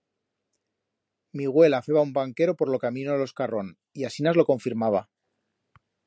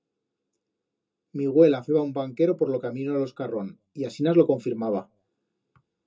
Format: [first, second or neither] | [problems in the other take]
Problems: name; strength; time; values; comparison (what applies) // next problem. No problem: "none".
first | room echo; dies away in 0.2 s